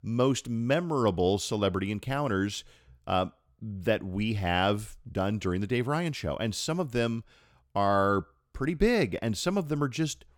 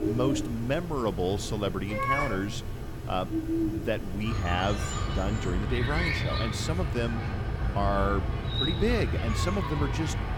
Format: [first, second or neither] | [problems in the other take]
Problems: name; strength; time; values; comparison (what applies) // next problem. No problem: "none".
first | animal sounds; very loud; throughout; as loud as the speech